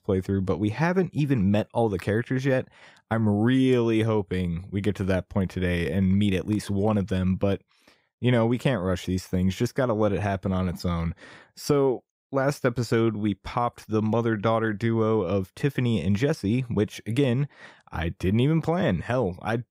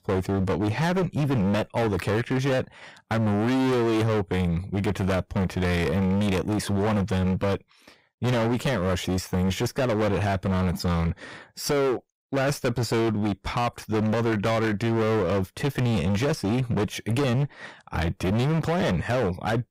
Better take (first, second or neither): first